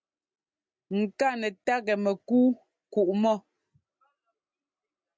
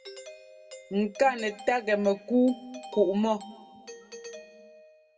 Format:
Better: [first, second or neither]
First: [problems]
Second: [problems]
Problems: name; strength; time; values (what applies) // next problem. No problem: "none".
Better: first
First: none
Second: background sound (Doorbell); 18 dB below the speech // room echo; dies away in 0.7 s